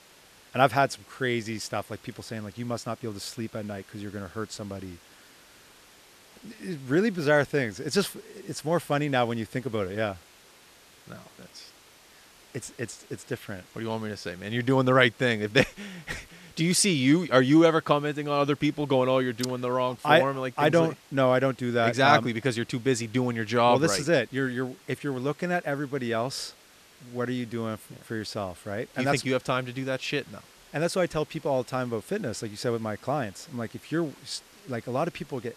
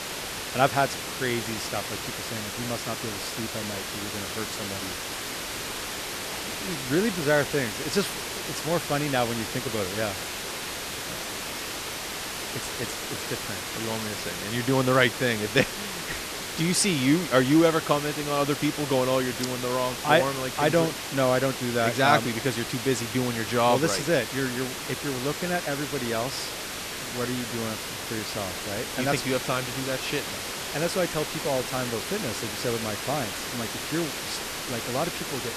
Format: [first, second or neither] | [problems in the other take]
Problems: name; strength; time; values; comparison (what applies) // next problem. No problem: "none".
first | hiss; loud; throughout; 4 dB below the speech; faint in the first